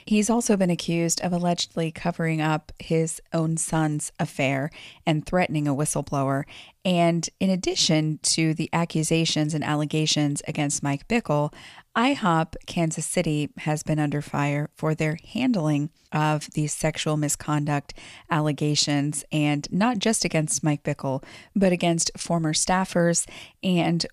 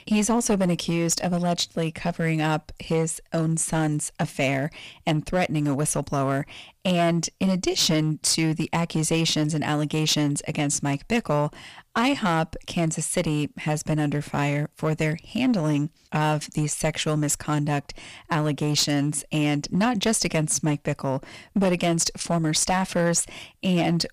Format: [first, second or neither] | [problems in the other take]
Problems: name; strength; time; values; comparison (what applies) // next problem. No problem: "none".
first | distortion; slight; 7% of the sound clipped